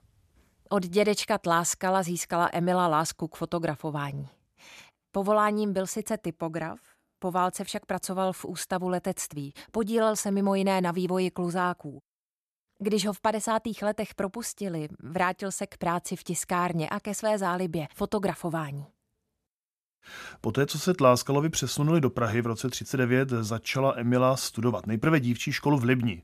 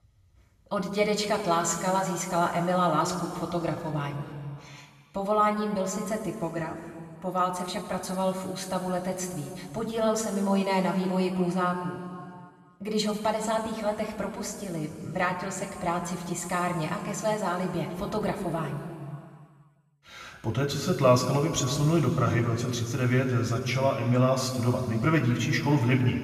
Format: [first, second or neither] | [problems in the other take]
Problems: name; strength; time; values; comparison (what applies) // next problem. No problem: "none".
first | room echo; noticeable; dies away in 2.2 s // off-mic speech; somewhat distant